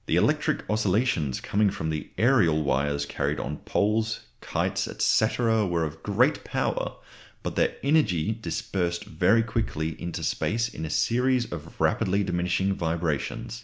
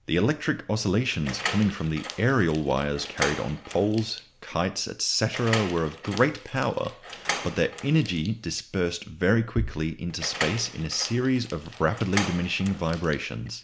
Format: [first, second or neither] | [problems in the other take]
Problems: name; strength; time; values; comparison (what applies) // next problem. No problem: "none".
first | background sound (Door); 10 dB below the speech